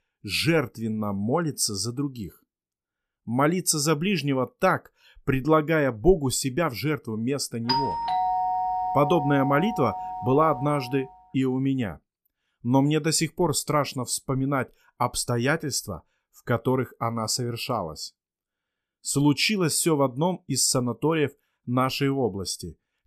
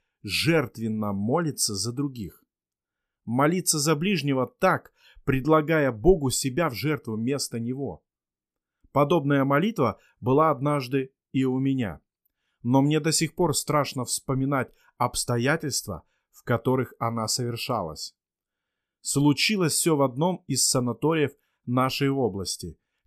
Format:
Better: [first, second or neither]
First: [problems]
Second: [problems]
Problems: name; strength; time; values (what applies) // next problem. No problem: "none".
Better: second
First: doorbell; loud; from 7.5 to 11 s; peak level with the speech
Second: none